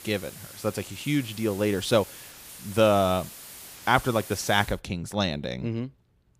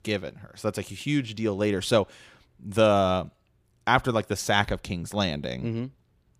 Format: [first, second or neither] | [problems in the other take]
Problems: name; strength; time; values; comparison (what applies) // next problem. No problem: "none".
second | hiss; noticeable; until 4.5 s; 15 dB below the speech